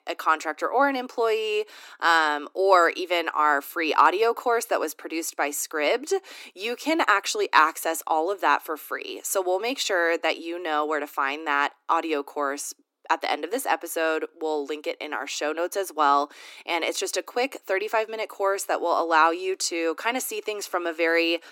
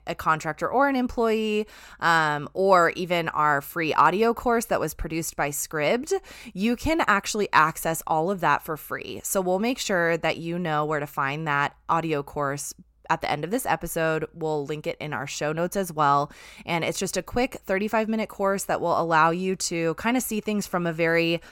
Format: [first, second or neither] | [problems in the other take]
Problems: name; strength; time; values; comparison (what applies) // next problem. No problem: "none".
second | thin; somewhat; fading below 300 Hz